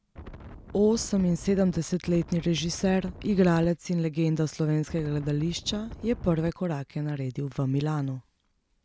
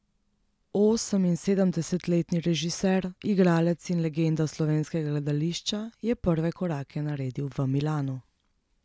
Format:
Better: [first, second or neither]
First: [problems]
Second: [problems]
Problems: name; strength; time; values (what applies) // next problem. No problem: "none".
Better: second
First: background sound (Wind); 15 dB below the speech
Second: none